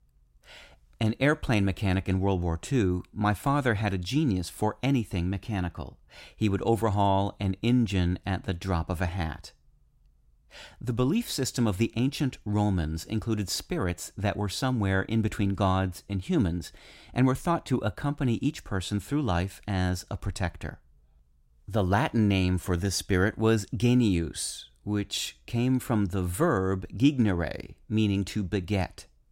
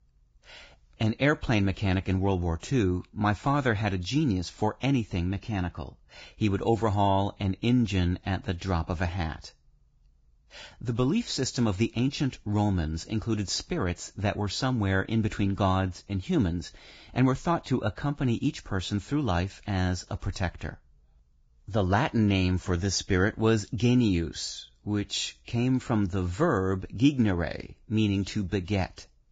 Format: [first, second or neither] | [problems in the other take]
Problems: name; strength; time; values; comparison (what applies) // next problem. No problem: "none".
first | garbled, watery; badly; nothing above 7.5 kHz